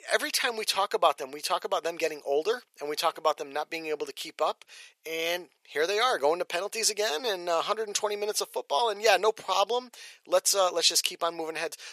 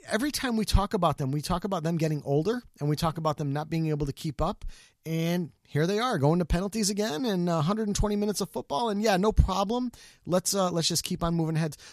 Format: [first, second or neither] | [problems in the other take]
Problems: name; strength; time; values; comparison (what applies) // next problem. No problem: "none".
second | thin; very; fading below 450 Hz